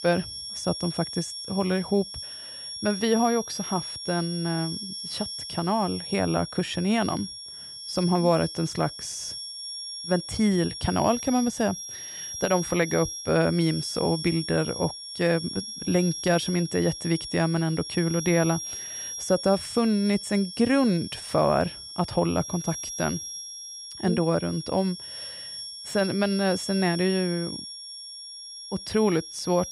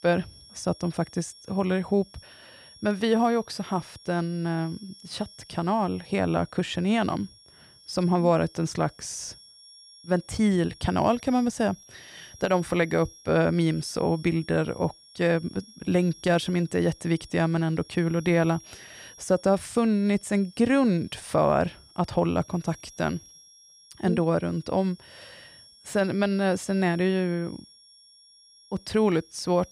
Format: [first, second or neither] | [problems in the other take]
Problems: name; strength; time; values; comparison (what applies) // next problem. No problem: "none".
second | high-pitched whine; loud; throughout; 5.5 kHz, 8 dB below the speech; faint in the second